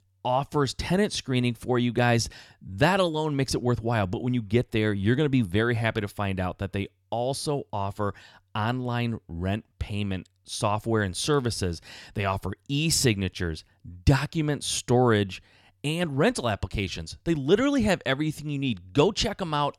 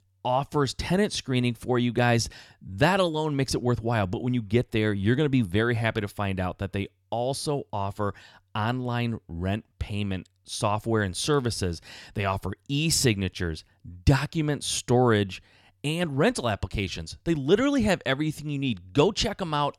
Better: neither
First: none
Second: none

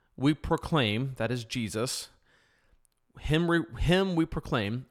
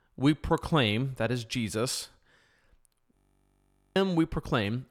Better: first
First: none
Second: audio freezing; at 3 s for 1 s

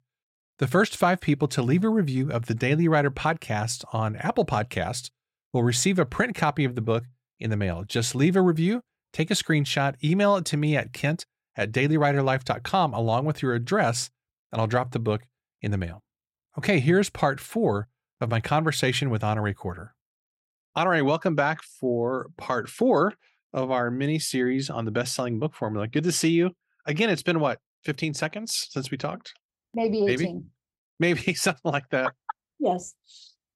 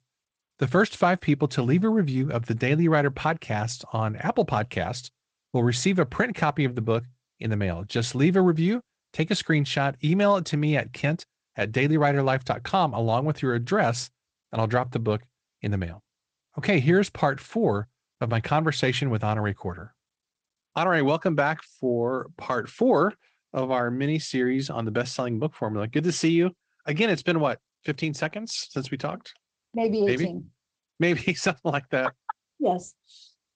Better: first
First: none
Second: garbled, watery; slightly; nothing above 8 kHz

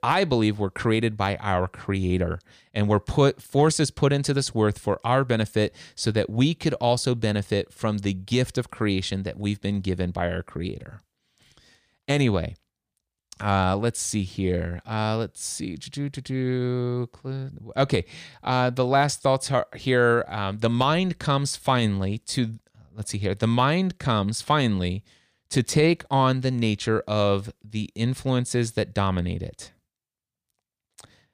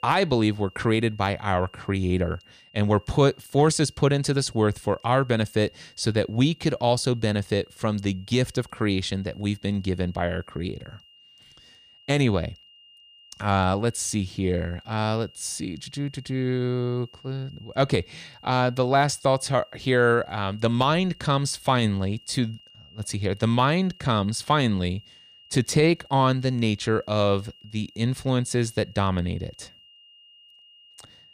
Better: first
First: none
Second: high-pitched whine; faint; throughout; 3 kHz, 25 dB below the speech

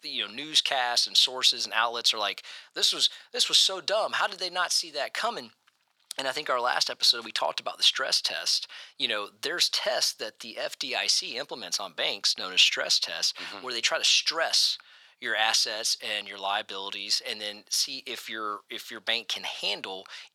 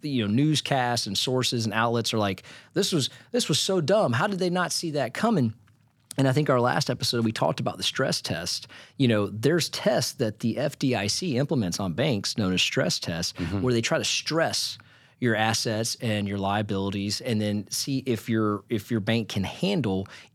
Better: second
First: thin; very; fading below 850 Hz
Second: none

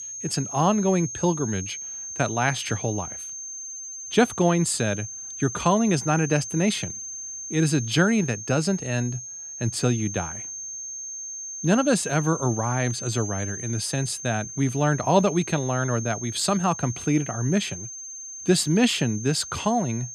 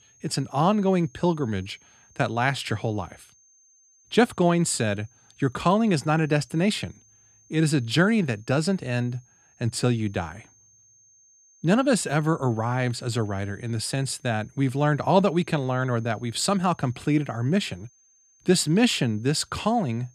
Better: second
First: high-pitched whine; loud; throughout; 6.5 kHz, 9 dB below the speech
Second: high-pitched whine; faint; throughout; 6.5 kHz, 30 dB below the speech

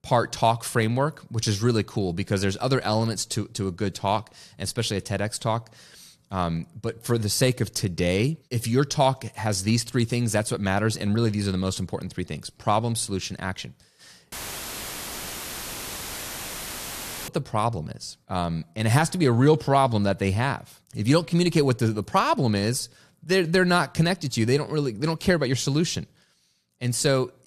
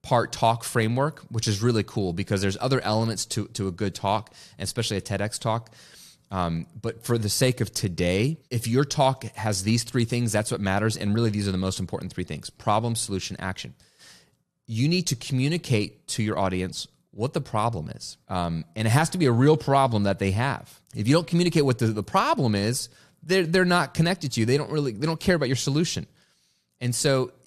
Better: second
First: audio cutting out; filled with static; at 14 s for 3 s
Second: none

